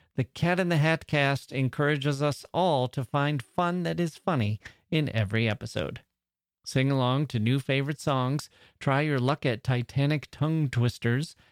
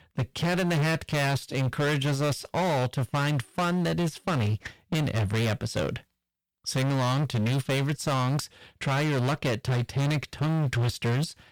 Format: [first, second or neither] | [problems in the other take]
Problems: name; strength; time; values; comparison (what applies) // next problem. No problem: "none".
first | distortion; heavy; 27% of the sound clipped